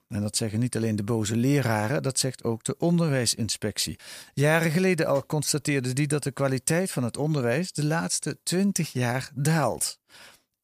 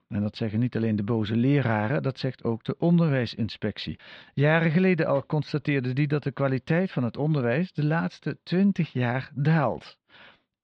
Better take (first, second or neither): first